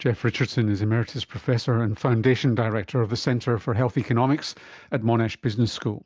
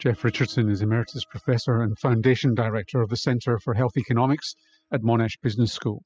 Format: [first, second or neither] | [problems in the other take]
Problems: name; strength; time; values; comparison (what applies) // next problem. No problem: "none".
first | noise reduction (classical method spectral subtraction)